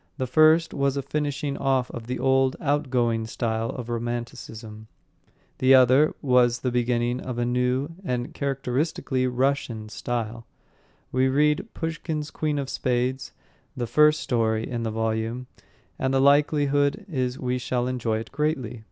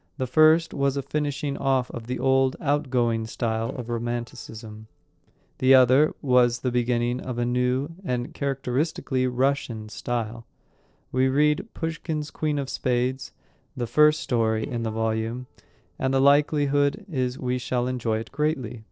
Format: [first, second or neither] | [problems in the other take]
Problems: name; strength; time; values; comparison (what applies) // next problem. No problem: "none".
first | noise reduction (neural separator model SepFormer DNS4)